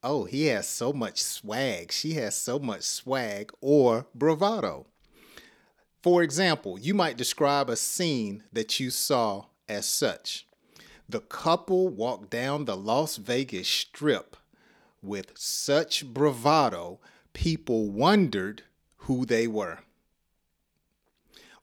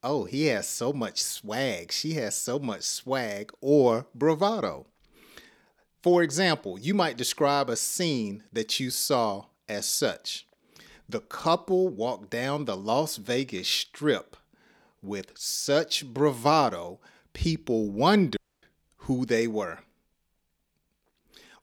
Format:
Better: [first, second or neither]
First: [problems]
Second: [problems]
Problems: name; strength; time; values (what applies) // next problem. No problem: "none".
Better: first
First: none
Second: audio cutting out; at 18 s